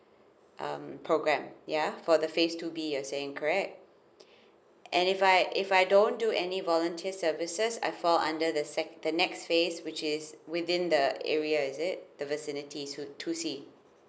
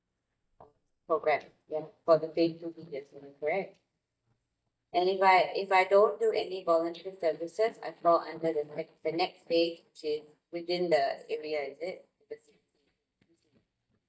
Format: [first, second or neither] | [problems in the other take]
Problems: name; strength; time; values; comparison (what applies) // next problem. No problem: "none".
first | noise reduction (neural mask model DeepFilterNet 3)